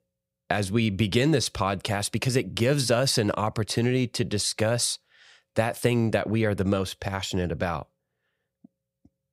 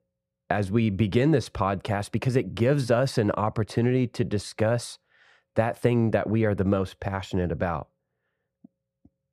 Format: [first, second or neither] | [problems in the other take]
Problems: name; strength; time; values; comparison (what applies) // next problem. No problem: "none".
first | muffled; slightly; fading above 2.5 kHz